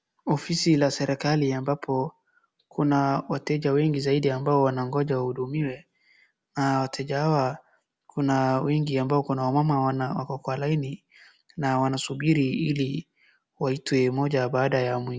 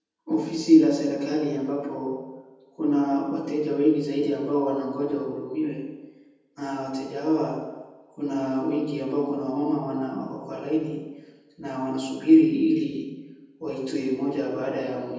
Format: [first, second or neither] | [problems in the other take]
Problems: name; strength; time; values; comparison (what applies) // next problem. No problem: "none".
first | room echo; dies away in 1 s